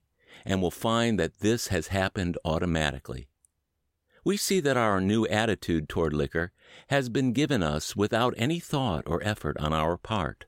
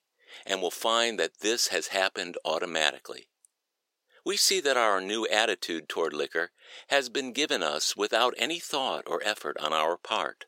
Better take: first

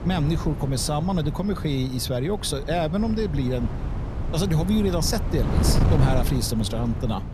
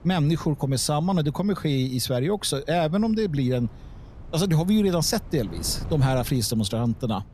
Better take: second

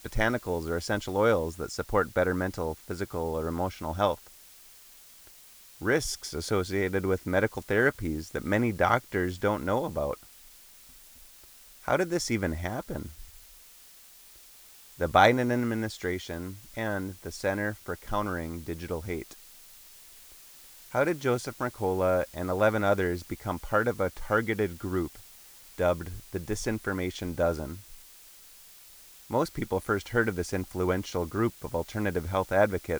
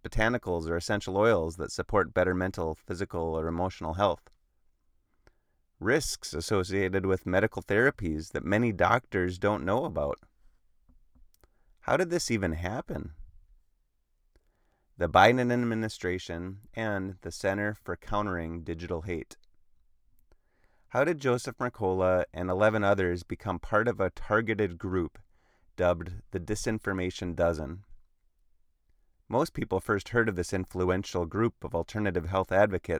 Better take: second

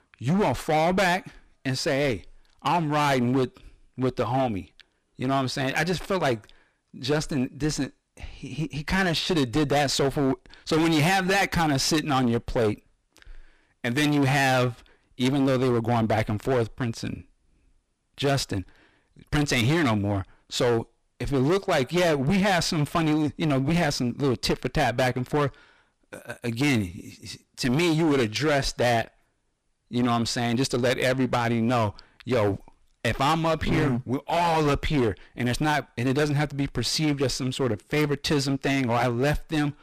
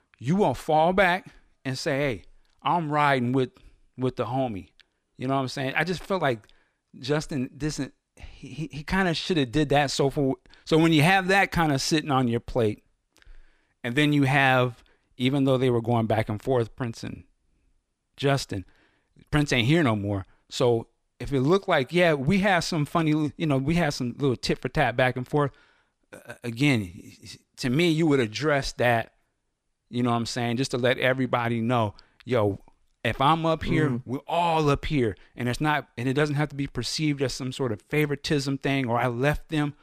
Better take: second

